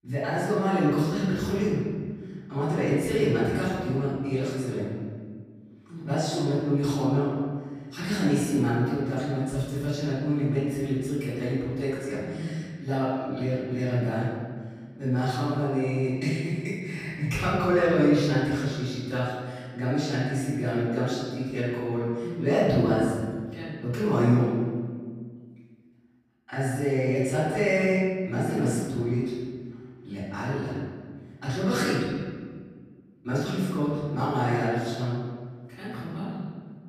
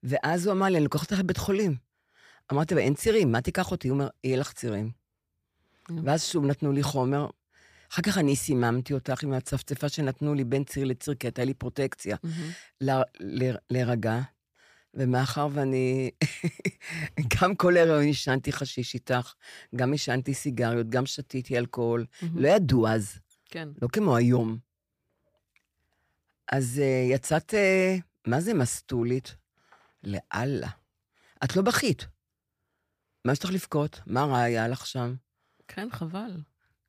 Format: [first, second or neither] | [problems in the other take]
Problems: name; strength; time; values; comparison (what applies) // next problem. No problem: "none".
second | off-mic speech; far // room echo; strong; dies away in 1.6 s